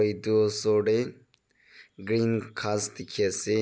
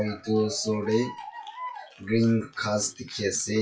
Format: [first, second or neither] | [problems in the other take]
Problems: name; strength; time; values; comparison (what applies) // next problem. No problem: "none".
first | noise reduction (classical method WPE with log-MMSE)